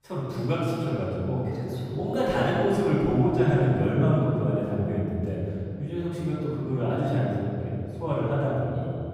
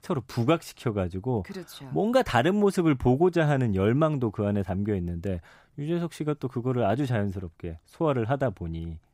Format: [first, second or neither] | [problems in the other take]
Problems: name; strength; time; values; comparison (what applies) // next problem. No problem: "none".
second | off-mic speech; far // room echo; strong; dies away in 2.9 s